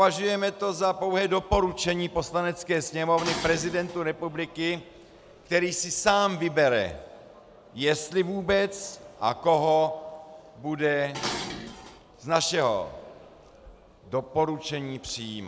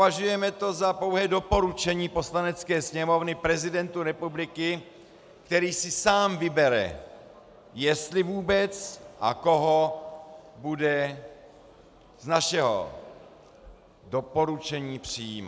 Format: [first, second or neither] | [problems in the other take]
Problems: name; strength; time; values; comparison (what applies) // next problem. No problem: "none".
second | background sound (Dishes, pots, and pans); 12 dB below the speech